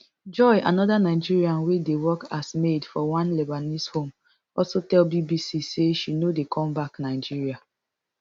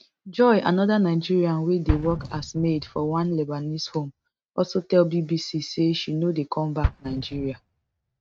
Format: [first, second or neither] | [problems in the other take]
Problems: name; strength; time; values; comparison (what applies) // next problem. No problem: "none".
first | noise reduction (neural mask model RNNoise)